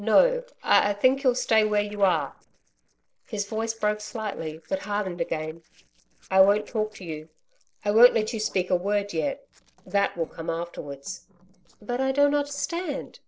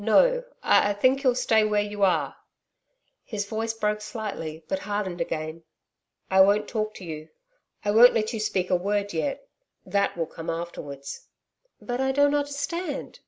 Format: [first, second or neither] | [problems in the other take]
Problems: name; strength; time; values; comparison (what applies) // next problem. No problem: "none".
second | noise reduction (neural separator model SepFormer DNS4)